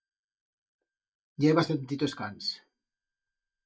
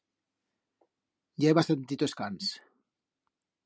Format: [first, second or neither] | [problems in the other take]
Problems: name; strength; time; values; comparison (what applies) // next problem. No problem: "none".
second | noise reduction (neural mask model DeepFilterNet 3)